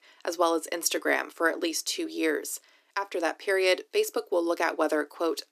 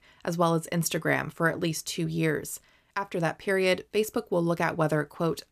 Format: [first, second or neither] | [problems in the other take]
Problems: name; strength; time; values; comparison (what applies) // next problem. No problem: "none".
second | thin; somewhat; fading below 300 Hz